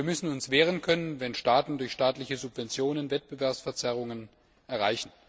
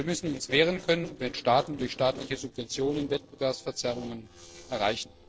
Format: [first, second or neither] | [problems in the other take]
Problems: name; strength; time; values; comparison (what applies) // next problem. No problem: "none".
first | noise reduction (neural separator model SepFormer DNS4)